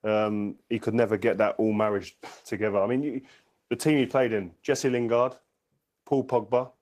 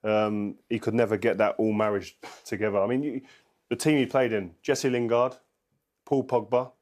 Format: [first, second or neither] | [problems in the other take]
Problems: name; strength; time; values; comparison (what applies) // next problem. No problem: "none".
second | garbled, watery; slightly; nothing above 14.5 kHz